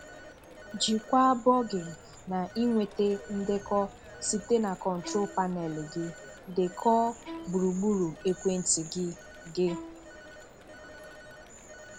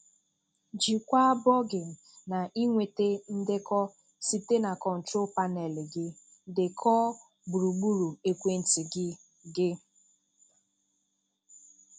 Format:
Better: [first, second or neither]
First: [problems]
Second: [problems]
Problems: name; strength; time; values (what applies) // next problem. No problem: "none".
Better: second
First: background sound (Telephone + Bowed string instrument); 16 dB below the speech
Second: none